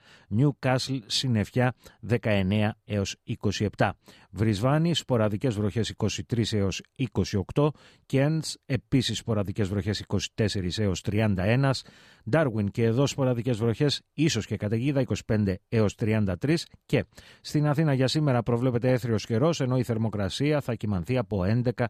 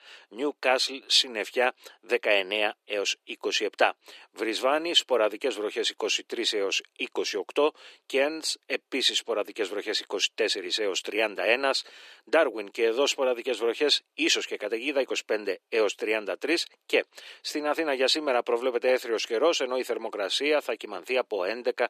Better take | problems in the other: first | thin; very; fading below 350 Hz

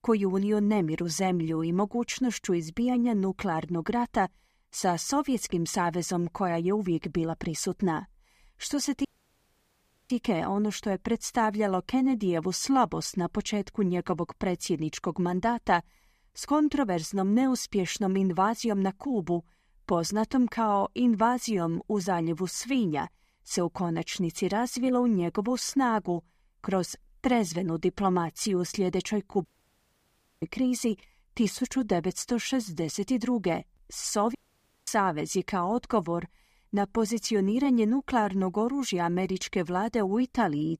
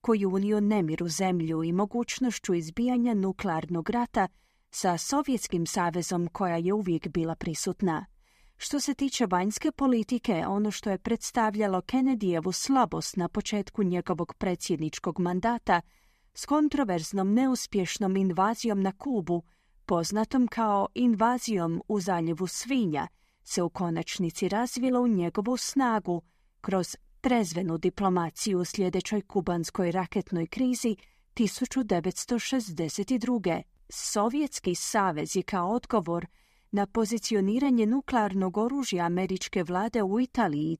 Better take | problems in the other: second | audio cutting out; at 9 s for 1 s, at 29 s for 1 s and at 34 s for 0.5 s

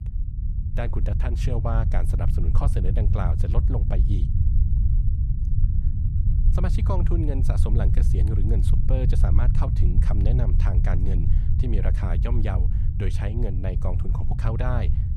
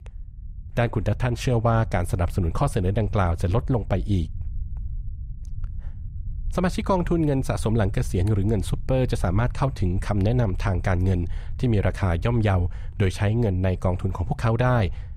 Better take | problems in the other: second | low rumble; loud; throughout; 4 dB below the speech; faint in the second

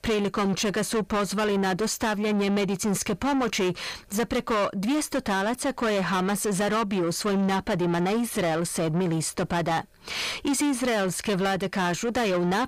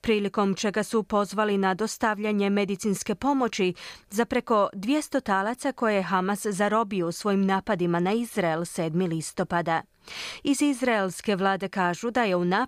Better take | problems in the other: second | distortion; heavy; 7 dB below the speech

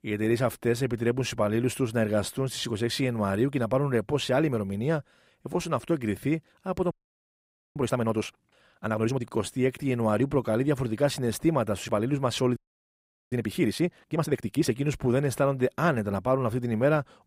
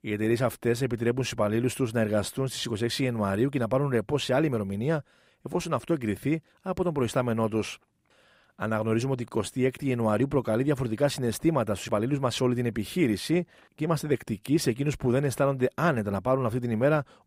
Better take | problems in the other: second | audio freezing; at 7 s for 1 s and at 13 s for 1 s

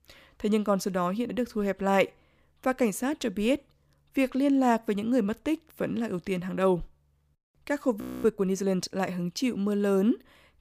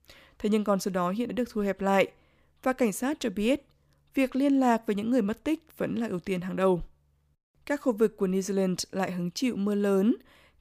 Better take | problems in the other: second | audio freezing; at 8 s

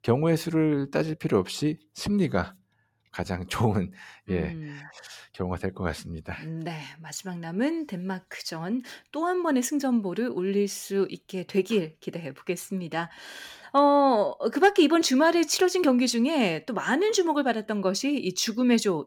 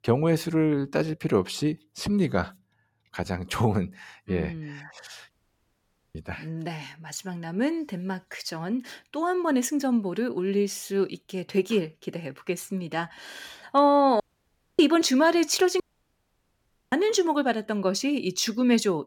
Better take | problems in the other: first | audio cutting out; at 5.5 s for 1 s, at 14 s for 0.5 s and at 16 s for 1 s

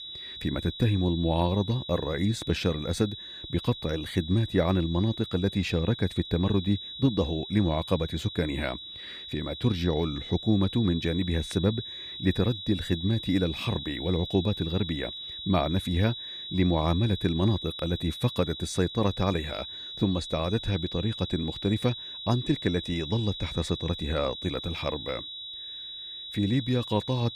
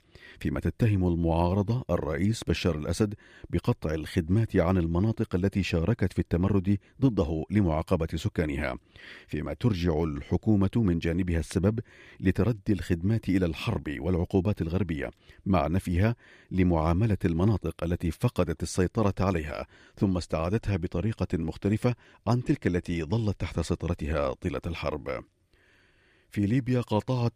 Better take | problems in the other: second | high-pitched whine; loud; throughout; 4 kHz, 9 dB below the speech

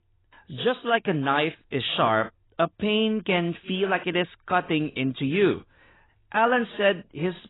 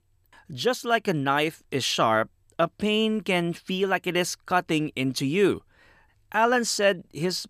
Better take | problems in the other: second | garbled, watery; badly; nothing above 4 kHz

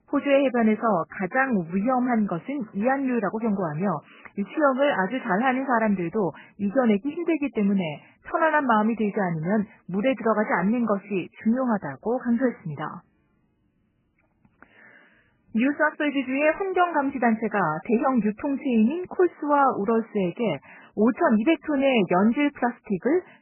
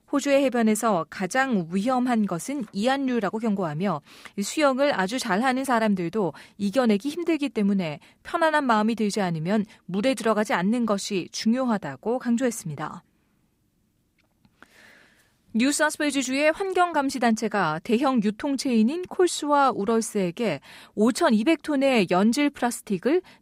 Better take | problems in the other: second | garbled, watery; badly; nothing above 3 kHz

